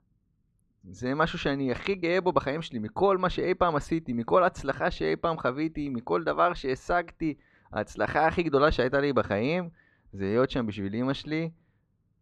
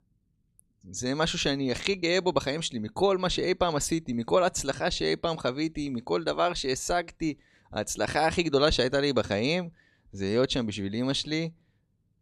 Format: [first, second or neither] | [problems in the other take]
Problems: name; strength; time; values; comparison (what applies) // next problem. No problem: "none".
second | muffled; slightly; fading above 4 kHz